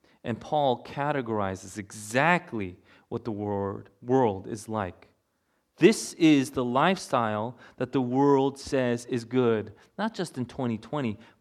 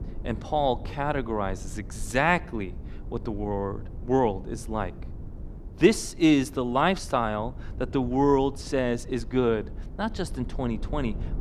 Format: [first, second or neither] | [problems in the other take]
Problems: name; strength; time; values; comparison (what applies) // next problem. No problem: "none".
first | low rumble; faint; throughout; 25 dB below the speech